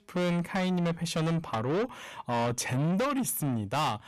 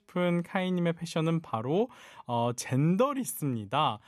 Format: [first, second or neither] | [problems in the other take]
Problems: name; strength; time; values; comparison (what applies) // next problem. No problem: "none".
second | distortion; heavy; 6 dB below the speech